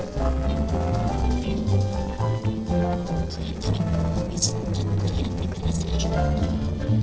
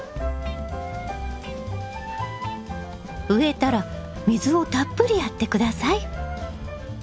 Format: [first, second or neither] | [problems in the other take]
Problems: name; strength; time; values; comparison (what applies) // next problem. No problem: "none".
second | noise reduction (neural separator model SepFormer DNS4)